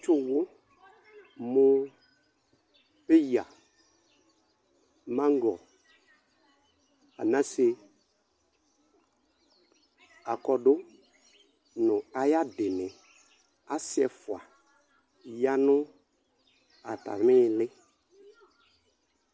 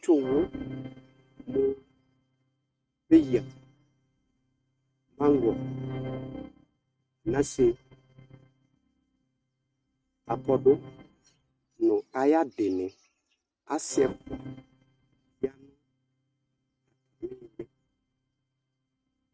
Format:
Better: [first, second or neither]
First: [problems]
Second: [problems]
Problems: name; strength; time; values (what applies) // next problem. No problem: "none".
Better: first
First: none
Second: noise reduction (neural mask model RNNoise)